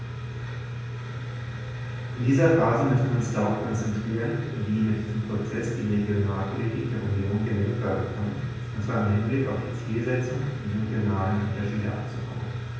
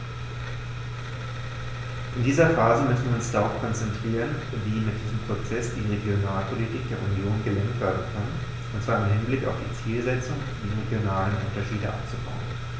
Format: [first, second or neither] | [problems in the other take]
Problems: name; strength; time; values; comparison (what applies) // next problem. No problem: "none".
second | room echo; dies away in 0.8 s